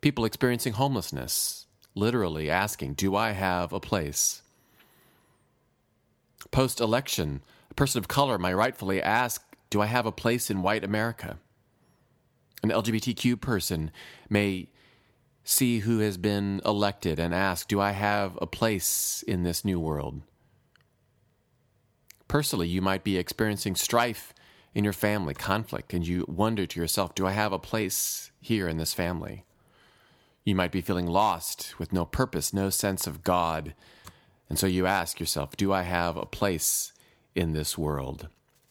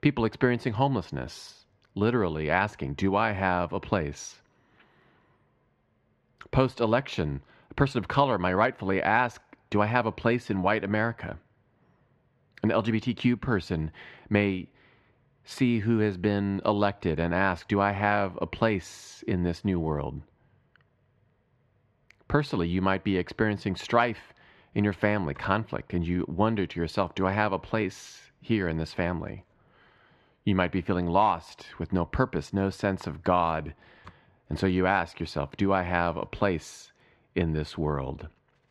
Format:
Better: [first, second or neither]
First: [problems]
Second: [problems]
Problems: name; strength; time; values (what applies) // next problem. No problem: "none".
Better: first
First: none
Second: muffled; very; fading above 2 kHz